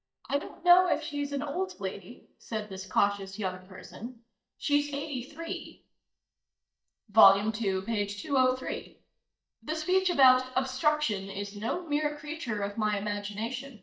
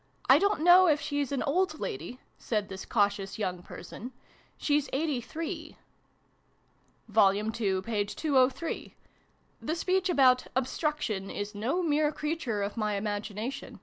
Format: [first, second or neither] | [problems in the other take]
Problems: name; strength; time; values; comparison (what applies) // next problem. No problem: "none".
second | noise reduction (neural mask model DeepFilterNet 3)